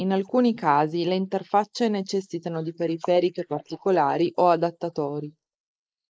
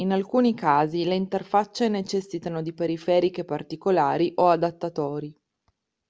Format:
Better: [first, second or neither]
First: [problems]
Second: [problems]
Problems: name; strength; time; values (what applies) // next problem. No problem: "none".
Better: second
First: noise reduction (neural mask model Resemble Enhance denoiser)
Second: none